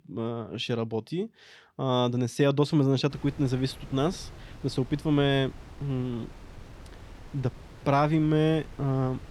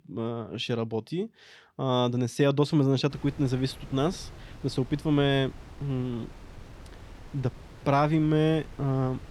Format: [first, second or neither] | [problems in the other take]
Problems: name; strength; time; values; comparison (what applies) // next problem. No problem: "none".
neither | wind noise on the microphone; occasional gusts; from 3 s on; 20 dB below the speech; the same in both